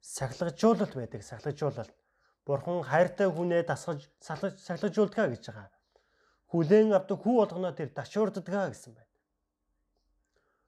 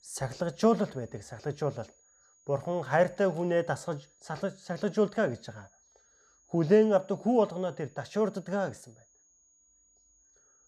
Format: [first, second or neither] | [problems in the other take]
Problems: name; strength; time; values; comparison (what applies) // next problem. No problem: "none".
first | high-pitched whine; faint; throughout; 6.5 kHz, 35 dB below the speech